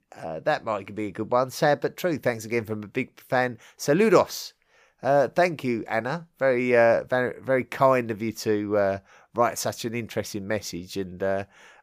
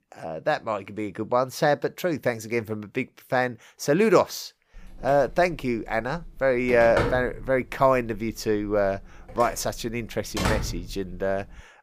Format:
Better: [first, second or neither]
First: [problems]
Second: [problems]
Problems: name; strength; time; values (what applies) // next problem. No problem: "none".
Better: first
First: none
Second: phone ringing; noticeable; from 5 s on; peak 1 dB below the speech